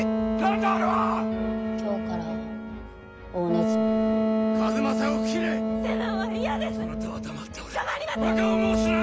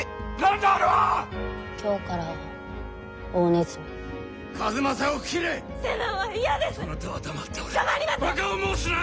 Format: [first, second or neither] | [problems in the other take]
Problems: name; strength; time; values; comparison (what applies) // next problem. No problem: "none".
second | background sound (Wind instrument, woodwind instrument); 5 dB above the speech